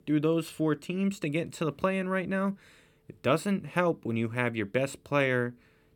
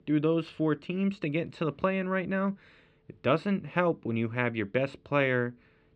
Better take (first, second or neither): first